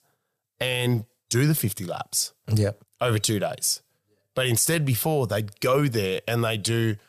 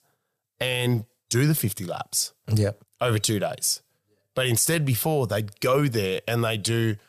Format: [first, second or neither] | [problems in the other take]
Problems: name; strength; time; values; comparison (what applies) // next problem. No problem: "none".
neither | none